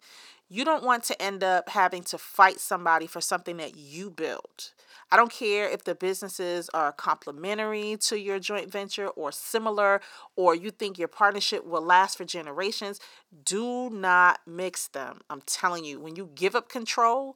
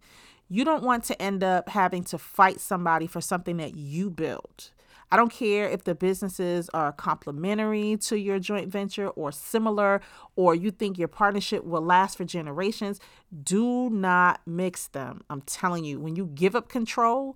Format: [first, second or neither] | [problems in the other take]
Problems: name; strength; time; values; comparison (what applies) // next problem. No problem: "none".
second | thin; somewhat; fading below 400 Hz